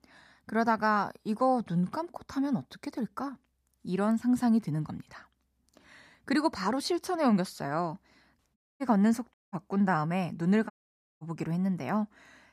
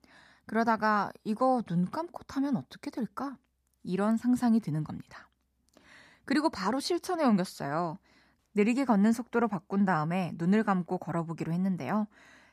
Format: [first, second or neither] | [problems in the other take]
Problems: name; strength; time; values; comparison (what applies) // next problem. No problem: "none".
second | audio cutting out; at 8.5 s, at 9.5 s and at 11 s for 0.5 s